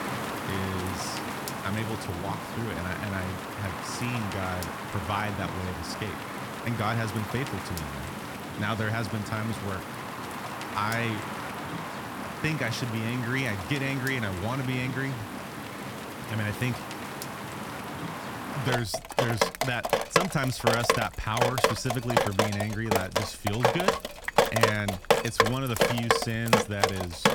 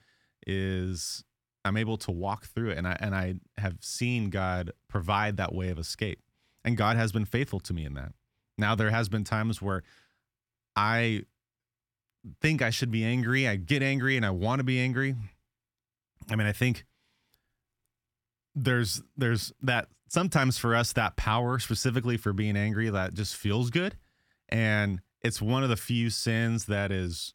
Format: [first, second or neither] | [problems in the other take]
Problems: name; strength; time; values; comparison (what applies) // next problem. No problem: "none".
second | rain or running water; very loud; throughout; 1 dB above the speech